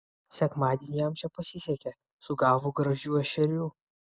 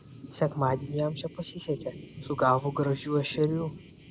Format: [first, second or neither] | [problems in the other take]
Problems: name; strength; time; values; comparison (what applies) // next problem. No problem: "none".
first | background sound (Thunder); 14 dB below the speech